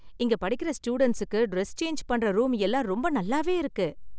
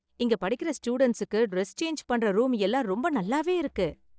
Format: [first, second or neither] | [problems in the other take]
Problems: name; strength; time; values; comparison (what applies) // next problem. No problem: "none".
first | noise reduction (neural mask model DeepFilterNet 3)